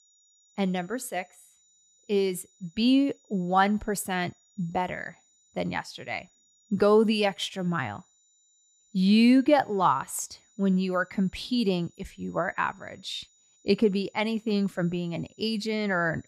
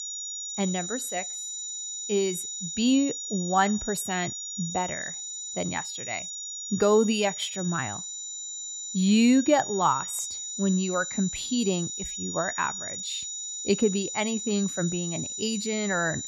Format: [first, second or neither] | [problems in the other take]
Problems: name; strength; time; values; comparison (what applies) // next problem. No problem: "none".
first | high-pitched whine; loud; throughout; 7 kHz, 5 dB below the speech; faint in the first